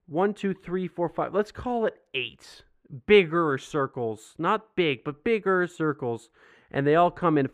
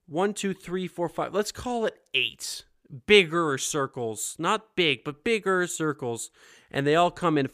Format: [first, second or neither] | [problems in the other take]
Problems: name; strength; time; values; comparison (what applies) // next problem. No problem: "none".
second | muffled; very; fading above 3.5 kHz